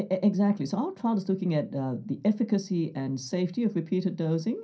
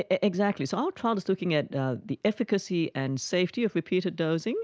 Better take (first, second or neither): second